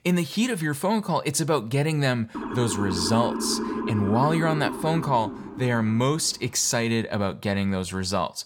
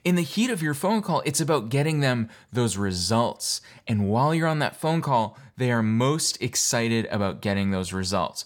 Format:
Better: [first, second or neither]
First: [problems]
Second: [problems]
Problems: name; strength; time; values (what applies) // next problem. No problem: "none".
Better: second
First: siren; noticeable; from 2.5 to 6.5 s; peak 4 dB below the speech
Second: none